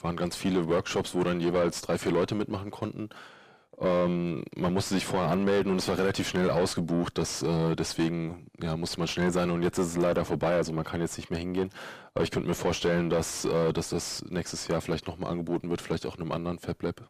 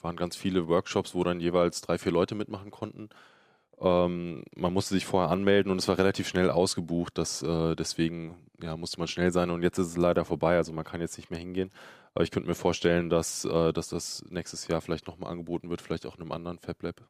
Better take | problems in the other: second | distortion; heavy; 6 dB below the speech

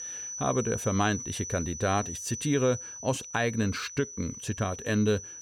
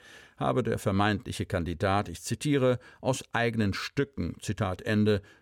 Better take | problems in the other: second | high-pitched whine; loud; throughout; 6 kHz, 8 dB below the speech

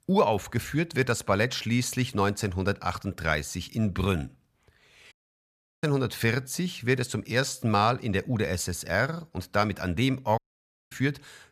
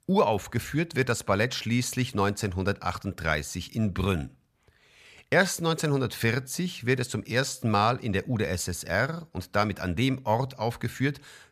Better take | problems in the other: second | audio cutting out; at 5 s for 0.5 s and at 10 s for 0.5 s

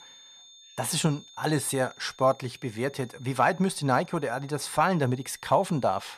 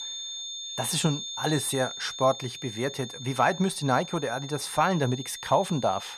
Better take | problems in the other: first | high-pitched whine; loud; throughout; 3.5 kHz, 9 dB below the speech; faint in the first

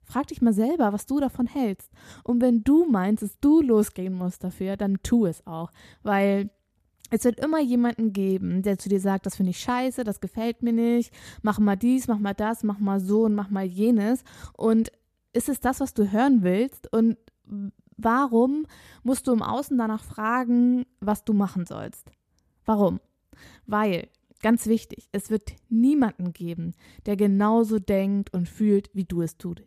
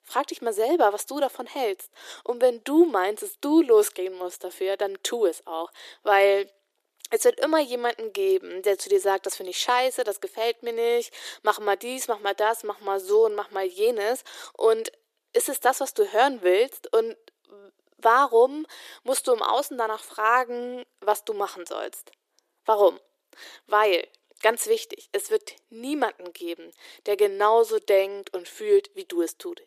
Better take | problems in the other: first | thin; very; fading below 350 Hz

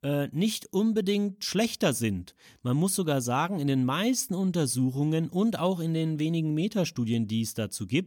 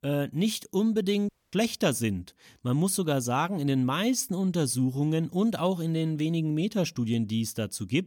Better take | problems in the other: first | audio cutting out; at 1.5 s

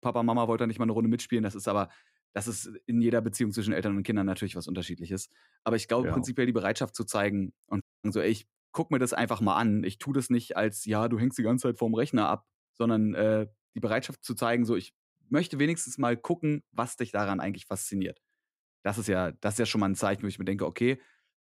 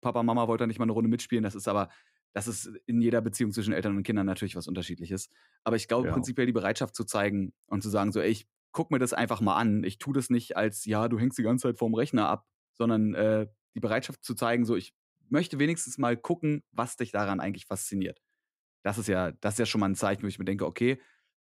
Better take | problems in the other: second | audio cutting out; at 8 s

